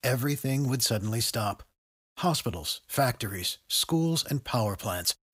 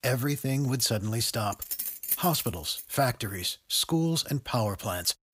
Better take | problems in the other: first | jangling keys; noticeable; from 1.5 to 3 s; peak level with the speech

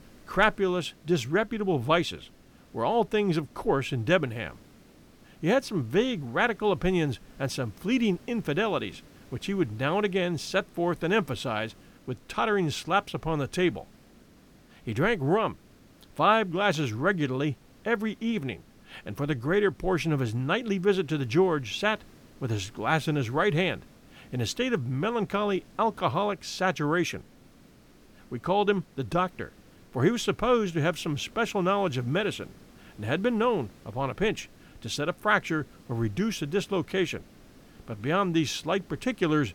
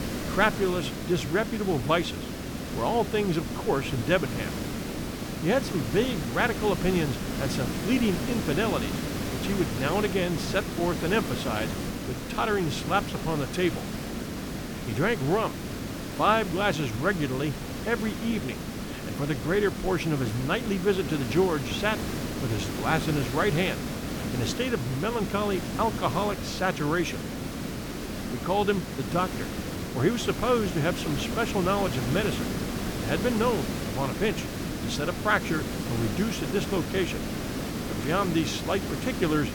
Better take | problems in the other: first | hiss; loud; throughout; 5 dB below the speech; faint in the first

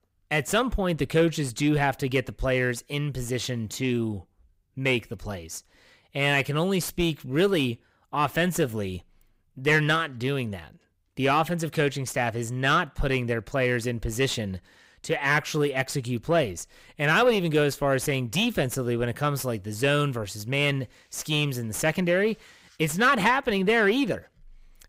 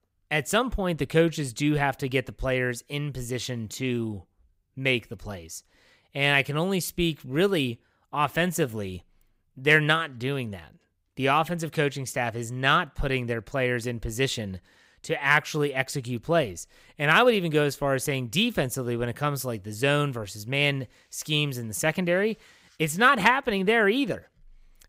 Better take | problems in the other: second | distortion; slight; 10 dB below the speech

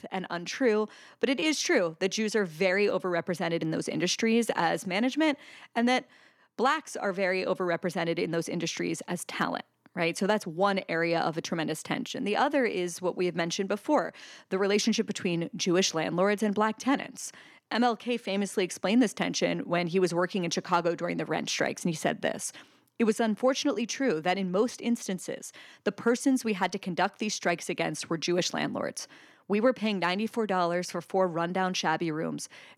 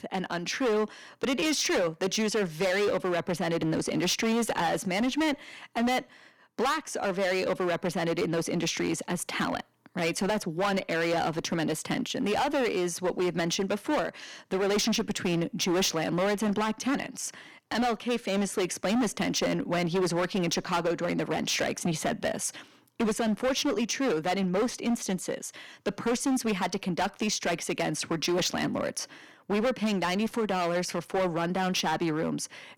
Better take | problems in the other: first | distortion; heavy; 15% of the sound clipped

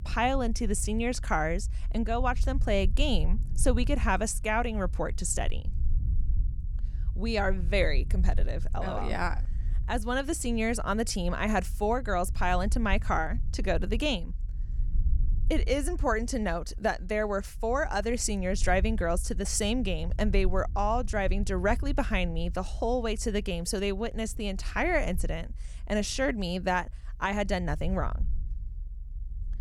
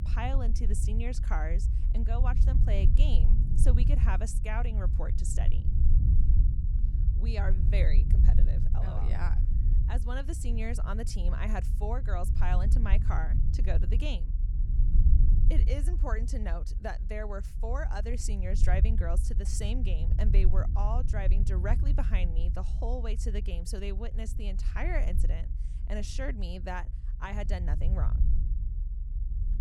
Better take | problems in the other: first | low rumble; loud; throughout; 8 dB below the speech; faint in the first

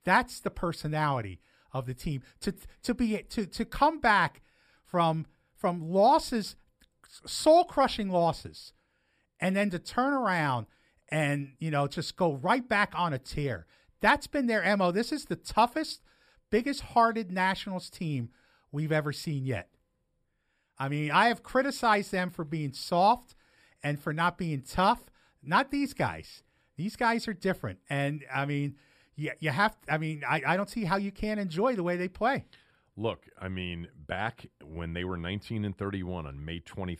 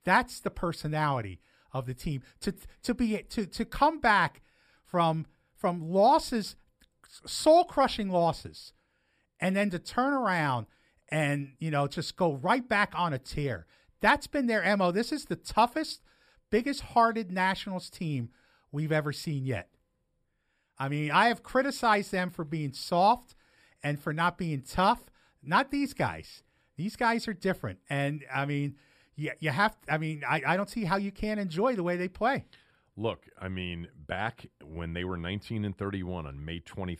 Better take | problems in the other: neither | none

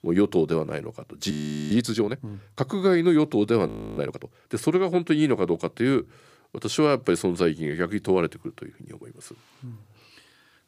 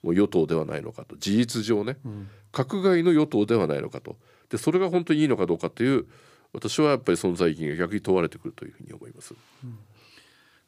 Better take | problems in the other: second | audio freezing; at 1.5 s and at 3.5 s

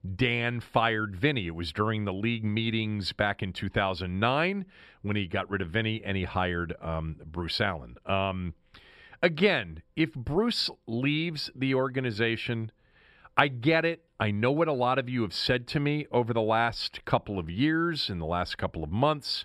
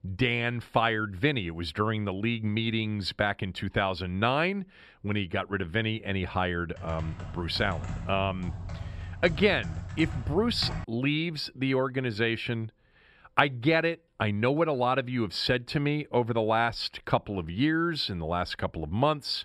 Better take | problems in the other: first | keyboard typing; noticeable; from 7 to 11 s; peak 7 dB below the speech

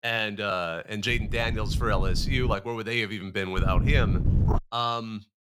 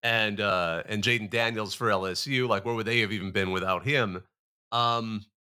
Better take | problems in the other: second | wind noise on the microphone; occasional gusts; from 1 to 2.5 s and from 3.5 to 4.5 s; 10 dB below the speech

